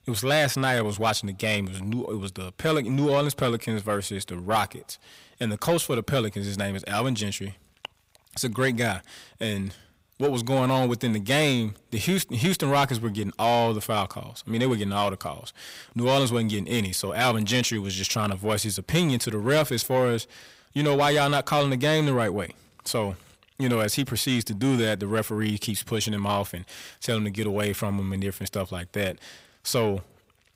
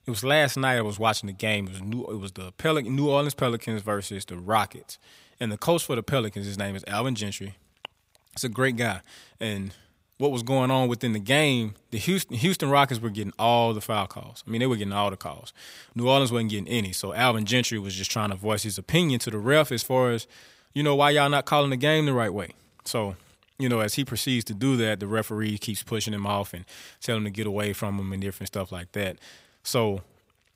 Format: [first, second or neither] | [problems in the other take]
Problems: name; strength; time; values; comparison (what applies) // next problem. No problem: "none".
second | distortion; slight; 10 dB below the speech